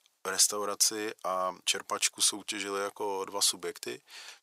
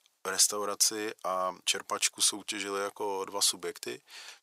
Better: neither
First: thin; very; fading below 750 Hz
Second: thin; very; fading below 750 Hz

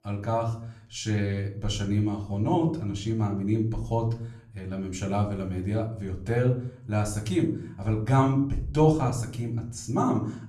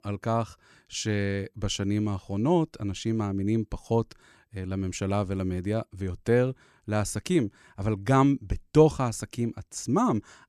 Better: second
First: off-mic speech; far // room echo; slight; dies away in 0.5 s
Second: none

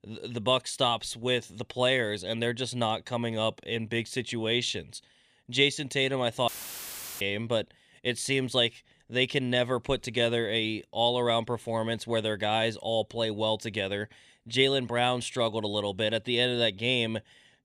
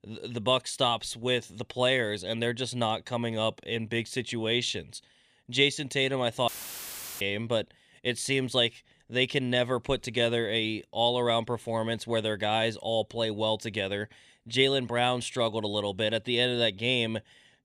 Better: neither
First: audio cutting out; filled with static; at 6.5 s for 0.5 s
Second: audio cutting out; filled with static; at 6.5 s for 0.5 s

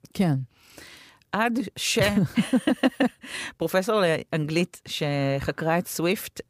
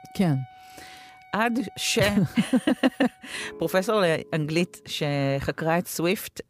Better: first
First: none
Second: background music; faint; throughout; 25 dB below the speech

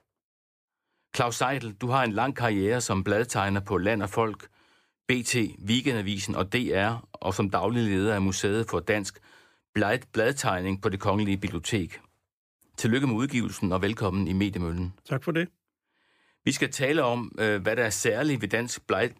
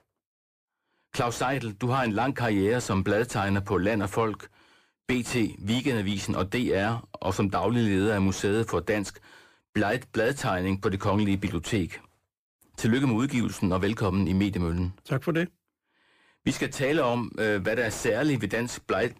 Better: first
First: none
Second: distortion; slight; 10 dB below the speech

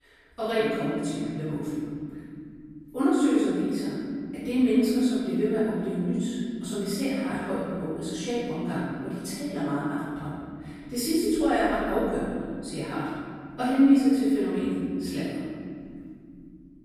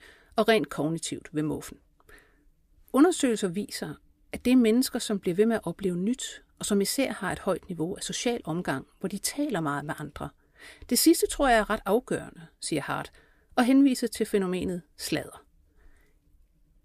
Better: second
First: room echo; strong; dies away in 3 s // off-mic speech; far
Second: none

